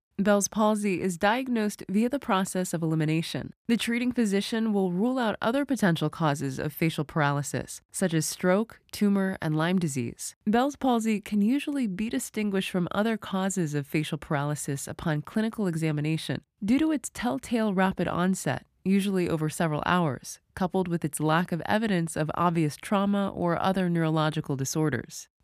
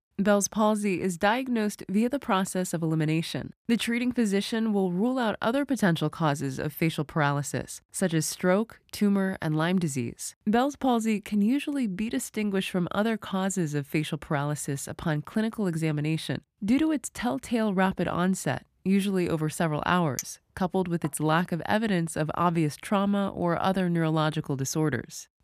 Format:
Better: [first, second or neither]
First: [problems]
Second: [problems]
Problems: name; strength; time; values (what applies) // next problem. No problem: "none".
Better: first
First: none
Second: clattering dishes; noticeable; at 20 s; peak 9 dB below the speech